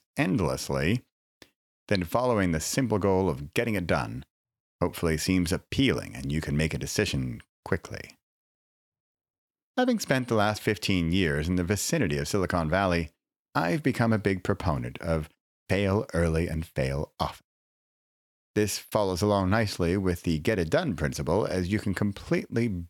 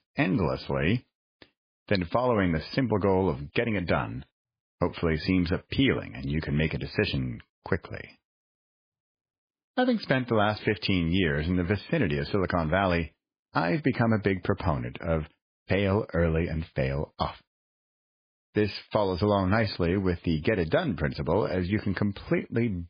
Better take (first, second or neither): first